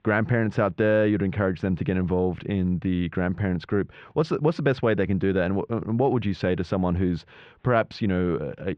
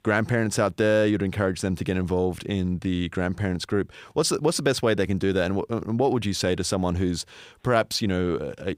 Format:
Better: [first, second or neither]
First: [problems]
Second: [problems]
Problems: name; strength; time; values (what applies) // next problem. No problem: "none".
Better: second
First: muffled; very; fading above 2.5 kHz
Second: none